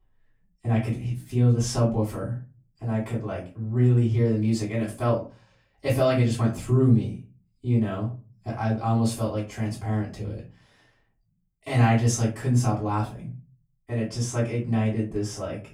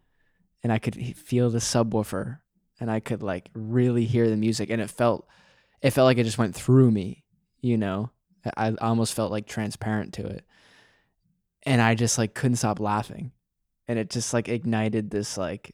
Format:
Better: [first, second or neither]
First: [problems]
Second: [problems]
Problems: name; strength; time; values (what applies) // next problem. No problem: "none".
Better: second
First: room echo; slight; dies away in 0.3 s // off-mic speech; far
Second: none